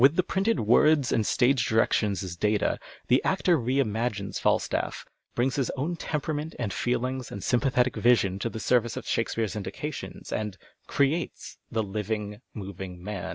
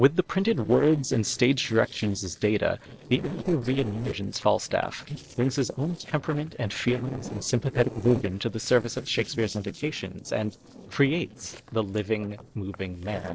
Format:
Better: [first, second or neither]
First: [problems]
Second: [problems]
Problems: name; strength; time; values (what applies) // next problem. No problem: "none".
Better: first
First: none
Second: noise reduction (neural separator model SepFormer DNS4)